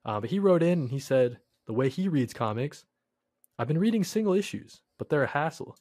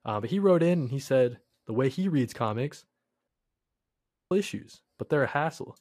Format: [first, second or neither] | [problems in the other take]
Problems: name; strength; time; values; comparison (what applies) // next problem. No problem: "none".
first | audio cutting out; at 3.5 s for 1 s